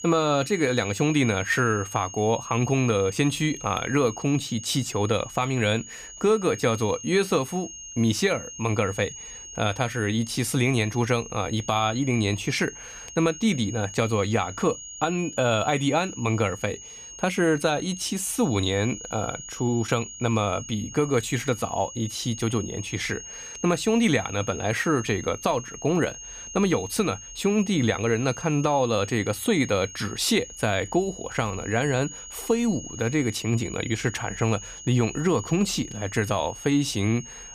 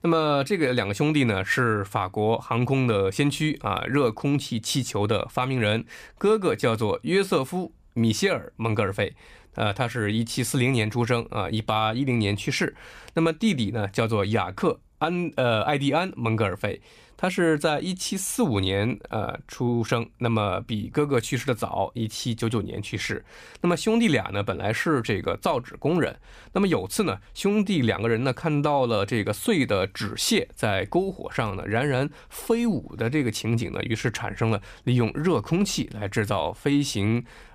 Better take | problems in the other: second | high-pitched whine; noticeable; throughout; 6.5 kHz, 15 dB below the speech

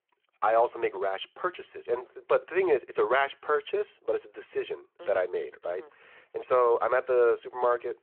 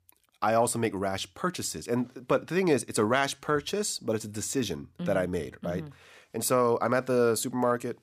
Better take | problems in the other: second | phone-call audio

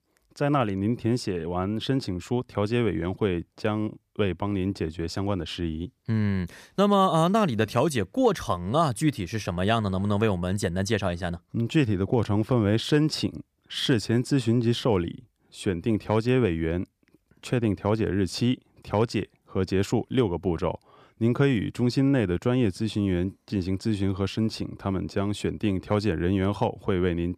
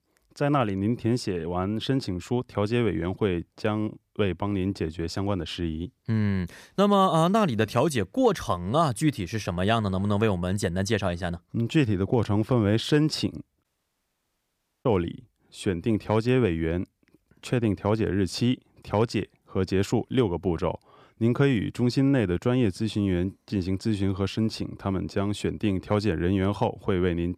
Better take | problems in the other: first | audio cutting out; at 14 s for 1 s

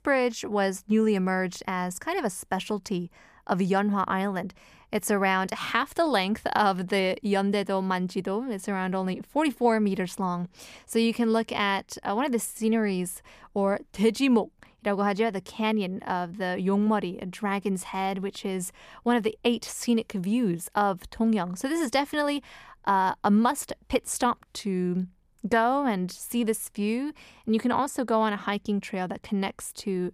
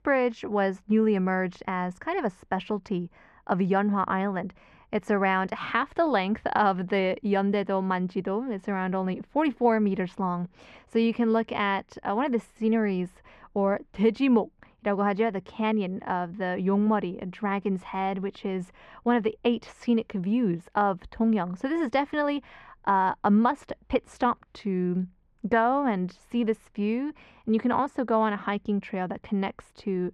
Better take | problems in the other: first | muffled; slightly; fading above 2.5 kHz

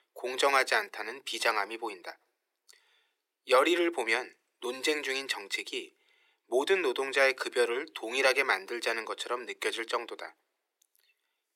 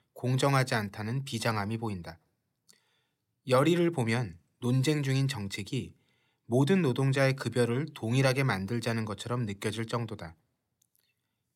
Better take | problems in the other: second | thin; very; fading below 350 Hz

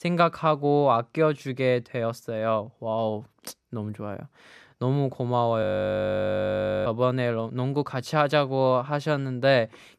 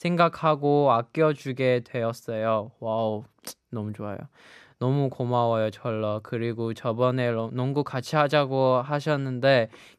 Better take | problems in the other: second | audio freezing; at 5.5 s for 1 s

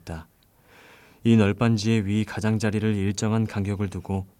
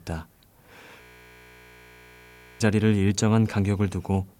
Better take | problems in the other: first | audio freezing; at 1 s for 1.5 s

